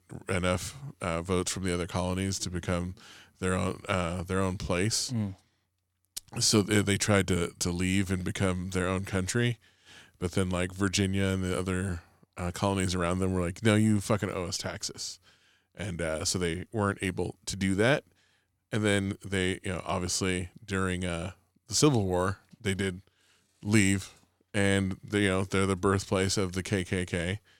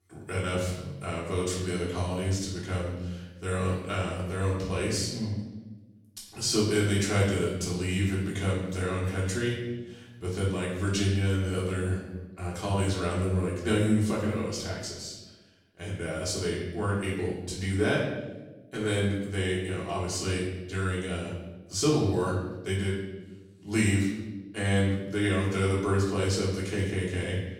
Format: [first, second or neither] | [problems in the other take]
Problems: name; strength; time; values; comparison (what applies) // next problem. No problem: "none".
first | off-mic speech; far // room echo; noticeable; dies away in 1 s